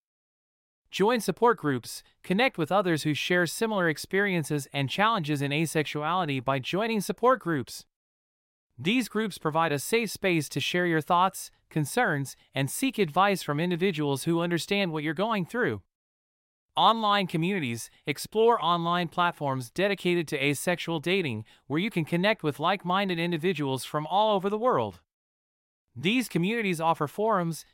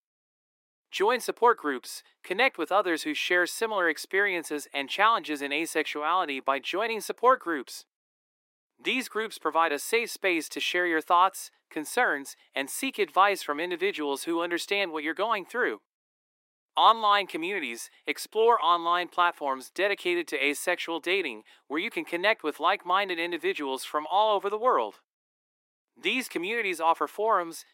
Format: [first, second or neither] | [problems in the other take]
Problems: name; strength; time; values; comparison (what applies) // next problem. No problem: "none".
first | thin; somewhat; fading below 300 Hz